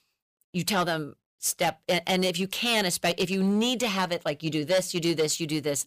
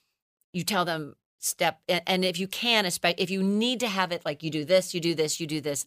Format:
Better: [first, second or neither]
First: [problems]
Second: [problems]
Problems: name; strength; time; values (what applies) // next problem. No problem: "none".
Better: second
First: distortion; slight; 6% of the sound clipped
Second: none